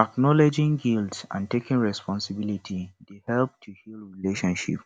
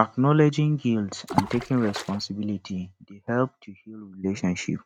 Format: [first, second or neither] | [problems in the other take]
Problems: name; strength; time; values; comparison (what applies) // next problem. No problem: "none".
first | noise reduction (neural mask model RNNoise)